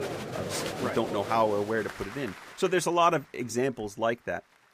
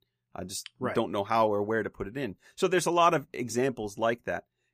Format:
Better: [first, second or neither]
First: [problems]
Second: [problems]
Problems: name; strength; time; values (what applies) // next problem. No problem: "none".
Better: second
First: crowd noise; loud; throughout; 8 dB below the speech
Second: none